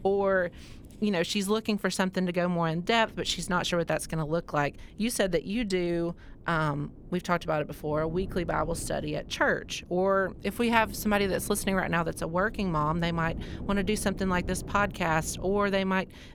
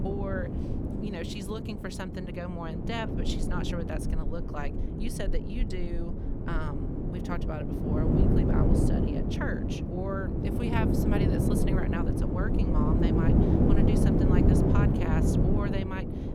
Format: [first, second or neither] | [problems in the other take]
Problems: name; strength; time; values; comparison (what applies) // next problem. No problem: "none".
first | wind noise on the microphone; heavy; 3 dB above the speech; occasional gusts in the first